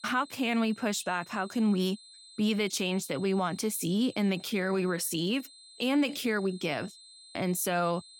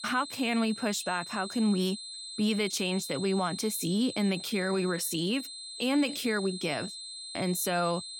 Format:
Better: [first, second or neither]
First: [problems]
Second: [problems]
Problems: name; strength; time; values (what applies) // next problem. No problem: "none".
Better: first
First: high-pitched whine; faint; throughout; 4 kHz, 20 dB below the speech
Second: high-pitched whine; loud; throughout; 4 kHz, 9 dB below the speech